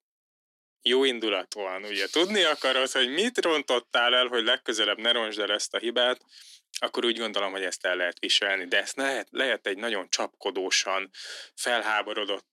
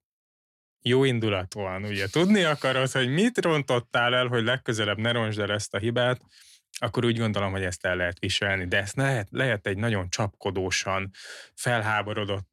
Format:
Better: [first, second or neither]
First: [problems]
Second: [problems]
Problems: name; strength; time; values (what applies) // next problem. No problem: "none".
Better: second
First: thin; somewhat; fading below 250 Hz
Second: none